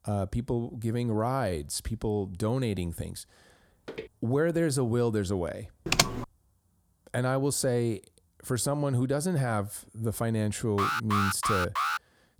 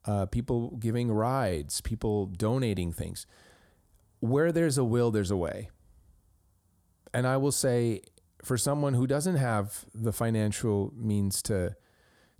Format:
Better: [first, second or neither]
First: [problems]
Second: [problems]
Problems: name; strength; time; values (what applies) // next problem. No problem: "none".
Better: second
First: footsteps; faint; at 4 s; peak 15 dB below the speech // keyboard typing; loud; at 6 s; peak 5 dB above the speech // alarm; loud; from 11 s on; peak 2 dB above the speech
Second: none